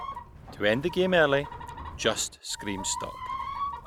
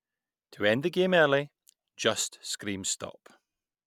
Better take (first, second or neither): second